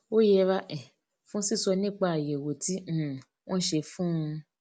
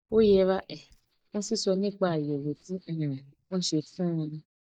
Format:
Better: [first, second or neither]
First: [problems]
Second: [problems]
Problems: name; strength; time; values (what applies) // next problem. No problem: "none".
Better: first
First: none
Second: noise reduction (neural mask model DeepFilterNet 3)